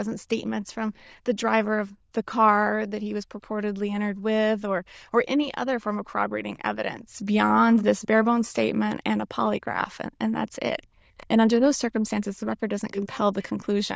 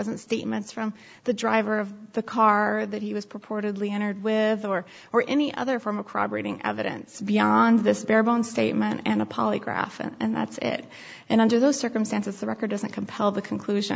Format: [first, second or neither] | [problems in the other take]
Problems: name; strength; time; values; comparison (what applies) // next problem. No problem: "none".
second | noise reduction (neural diffusion model UNIVERSE++)